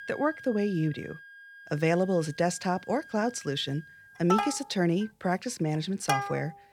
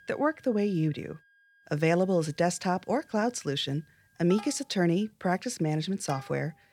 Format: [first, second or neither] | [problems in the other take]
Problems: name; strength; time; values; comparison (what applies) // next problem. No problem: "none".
second | background music; loud; throughout; 7 dB below the speech; faint in the second